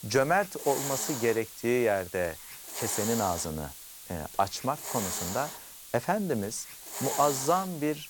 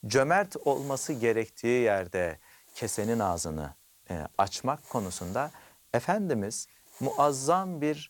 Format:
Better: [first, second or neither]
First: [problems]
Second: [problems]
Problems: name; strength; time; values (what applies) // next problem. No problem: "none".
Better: second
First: hiss; loud; throughout; 7 dB below the speech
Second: hiss; faint; throughout; 20 dB below the speech